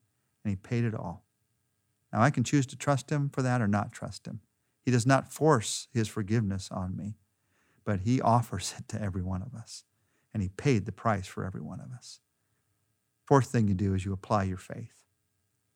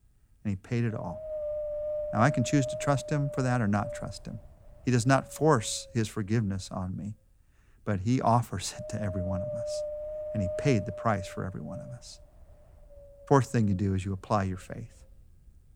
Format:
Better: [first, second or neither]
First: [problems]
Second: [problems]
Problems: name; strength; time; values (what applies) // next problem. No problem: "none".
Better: first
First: none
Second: wind noise on the microphone; heavy; 6 dB below the speech